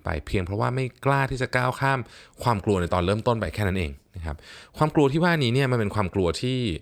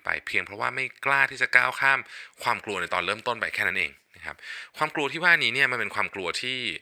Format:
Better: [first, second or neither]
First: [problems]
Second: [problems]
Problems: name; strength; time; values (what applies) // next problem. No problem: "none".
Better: first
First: none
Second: thin; very; fading below 1 kHz